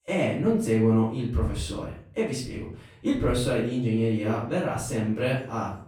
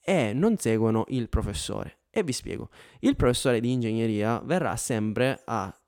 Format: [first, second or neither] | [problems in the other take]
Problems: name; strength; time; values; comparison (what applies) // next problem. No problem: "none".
second | off-mic speech; far // room echo; noticeable; dies away in 0.5 s